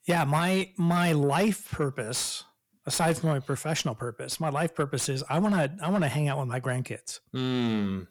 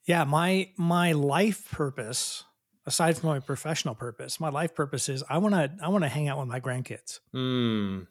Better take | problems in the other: second | distortion; slight; 10 dB below the speech

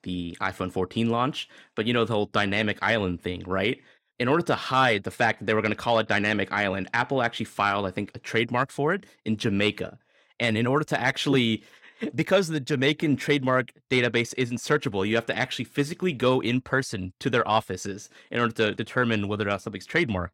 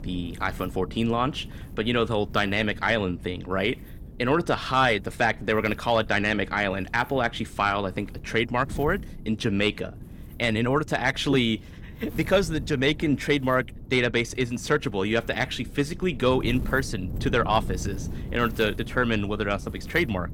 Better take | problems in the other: first | wind noise on the microphone; occasional gusts; 25 dB below the speech

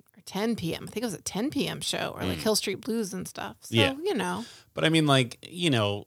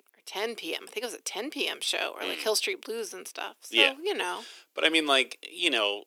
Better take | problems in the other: first | thin; somewhat; fading below 350 Hz

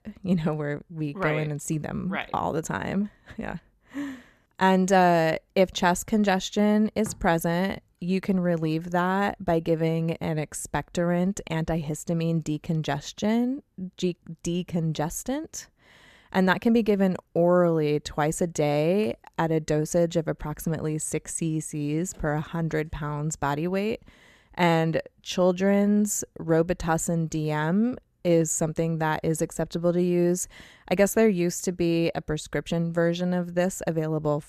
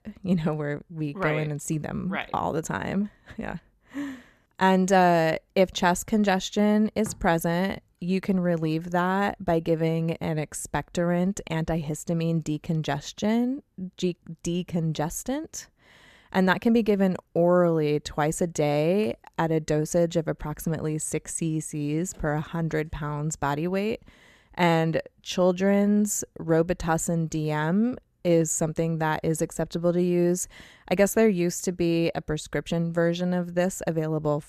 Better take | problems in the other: neither | none

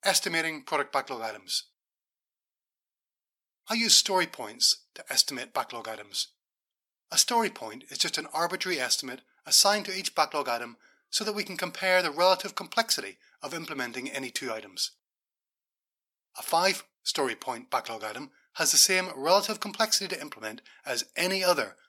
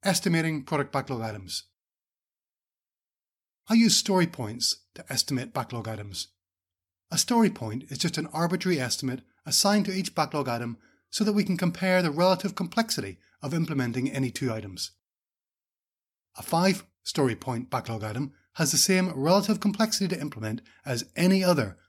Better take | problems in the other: second | thin; very; fading below 550 Hz

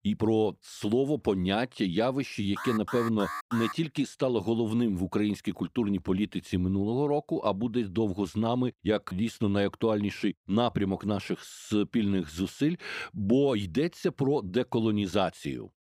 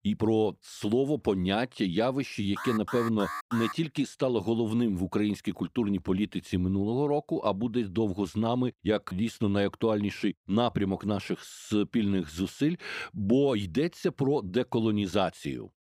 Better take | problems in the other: neither | alarm; noticeable; from 2.5 to 3.5 s; peak 7 dB below the speech; the same in both

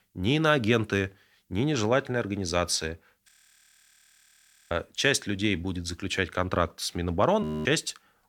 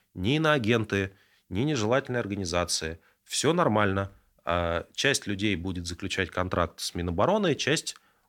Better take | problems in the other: second | audio freezing; at 3.5 s for 1.5 s and at 7.5 s

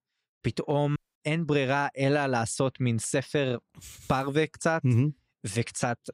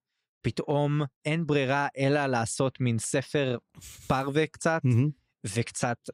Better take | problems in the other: second | audio cutting out; at 1 s

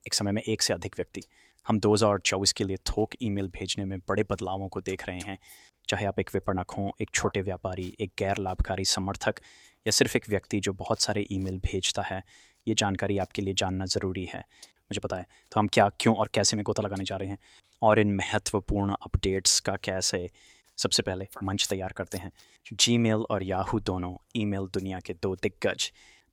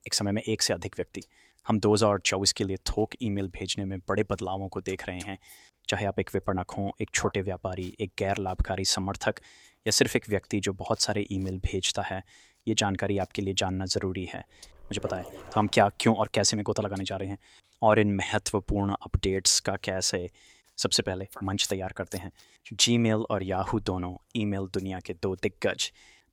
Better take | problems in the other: first | dog barking; faint; from 15 to 16 s; peak 15 dB below the speech

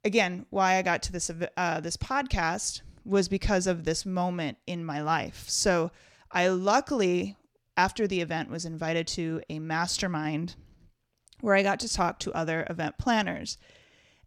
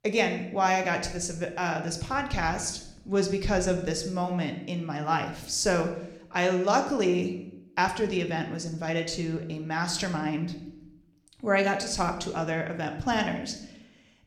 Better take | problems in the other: first | room echo; slight; dies away in 0.7 s

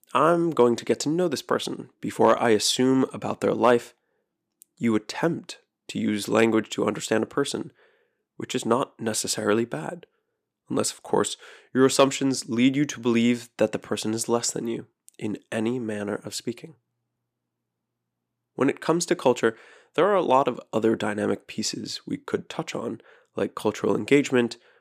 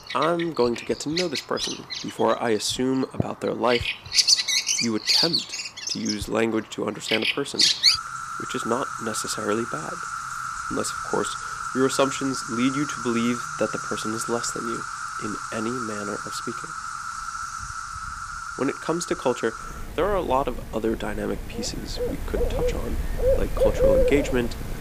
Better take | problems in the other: first | animal sounds; very loud; throughout; 1 dB above the speech

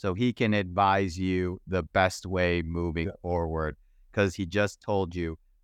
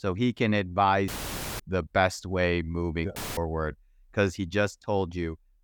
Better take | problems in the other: first | audio cutting out; filled with static; at 1 s for 0.5 s and at 3 s

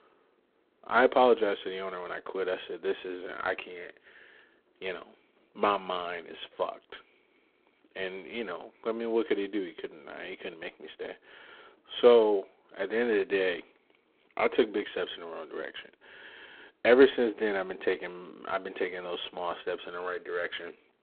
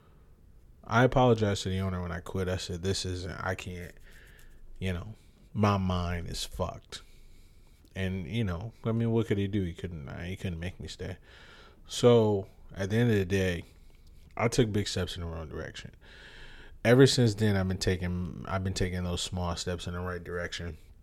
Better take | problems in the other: second | phone-call audio; poor line

